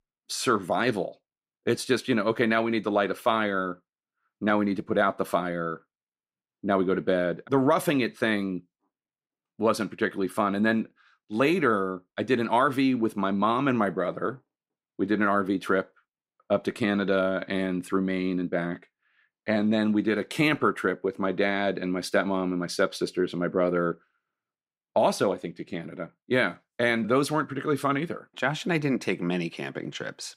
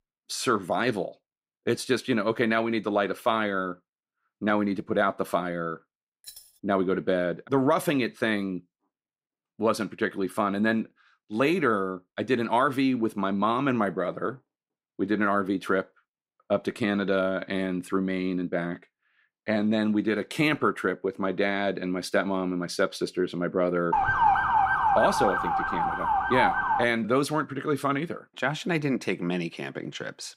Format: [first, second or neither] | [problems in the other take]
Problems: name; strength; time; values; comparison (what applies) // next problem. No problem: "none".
first | jangling keys; faint; at 6 s; peak 20 dB below the speech // siren; loud; from 24 to 27 s; peak 5 dB above the speech